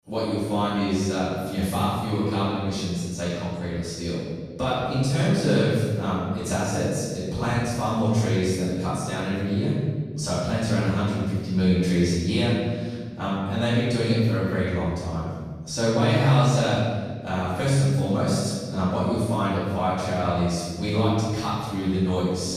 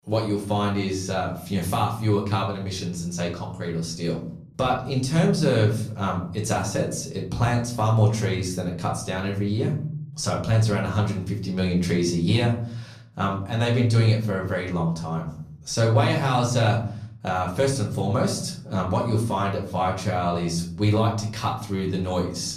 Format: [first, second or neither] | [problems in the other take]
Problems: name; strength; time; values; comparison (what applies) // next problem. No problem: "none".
second | room echo; strong; dies away in 1.5 s; slight in the second // off-mic speech; far; far in the second